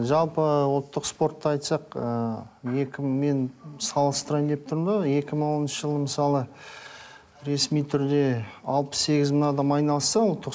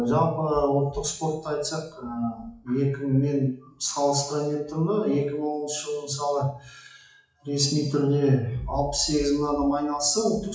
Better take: first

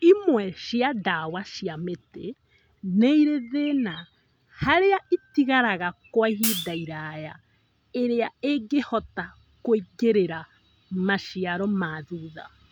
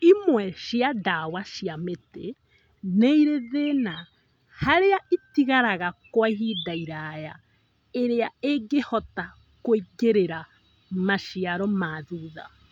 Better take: second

